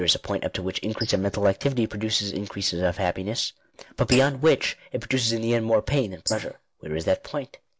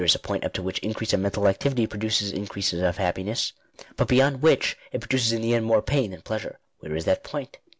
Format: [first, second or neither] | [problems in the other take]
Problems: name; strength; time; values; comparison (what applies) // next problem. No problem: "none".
second | noise reduction (neural mask model Resemble Enhance denoiser)